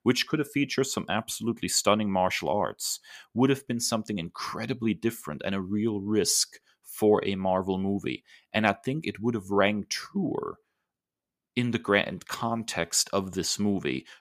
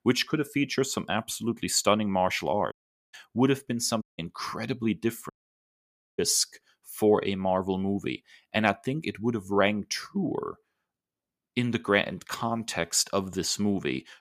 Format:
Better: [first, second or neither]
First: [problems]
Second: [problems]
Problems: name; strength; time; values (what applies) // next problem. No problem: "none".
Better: first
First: none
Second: audio cutting out; at 2.5 s, at 4 s and at 5.5 s for 1 s